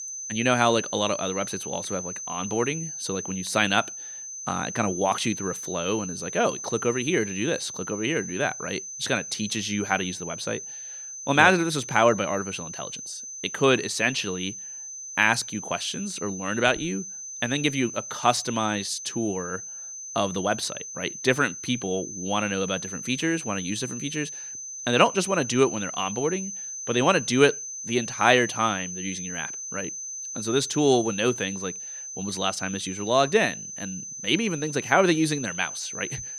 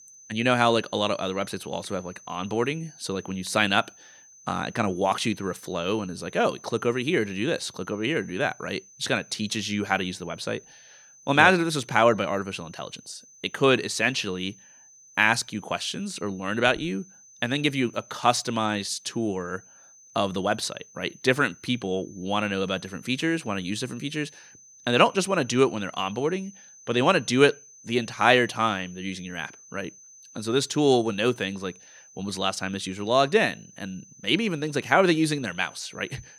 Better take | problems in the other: second | high-pitched whine; loud; throughout; 6 kHz, 8 dB below the speech; faint in the second

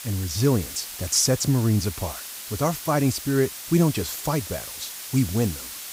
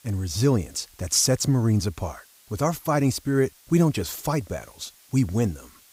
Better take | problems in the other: second | hiss; loud; throughout; 10 dB below the speech; faint in the second

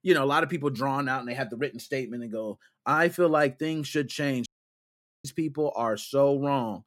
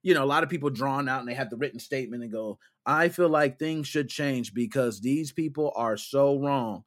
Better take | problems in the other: second | audio cutting out; at 4.5 s for 1 s

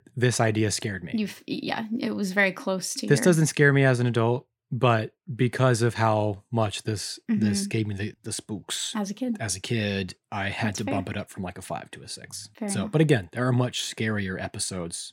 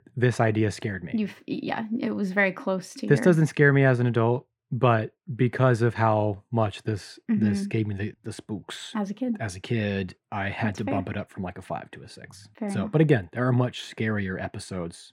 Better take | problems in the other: first | muffled; slightly; fading above 3.5 kHz

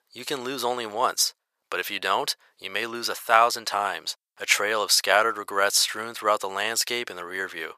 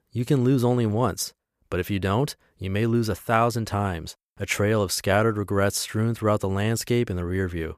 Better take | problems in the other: second | thin; very; fading below 850 Hz

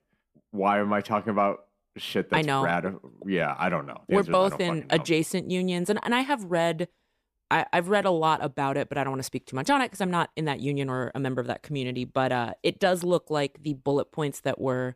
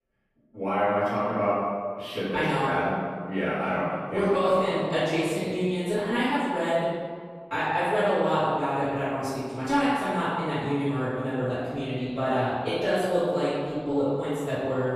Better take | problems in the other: first | room echo; strong; dies away in 1.6 s // off-mic speech; far

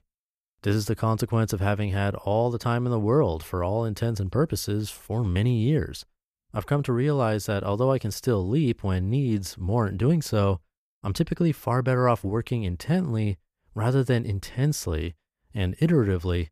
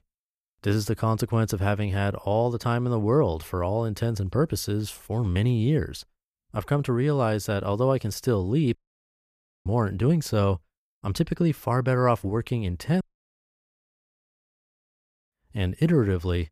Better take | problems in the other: first | audio cutting out; at 9 s for 1 s and at 13 s for 2.5 s

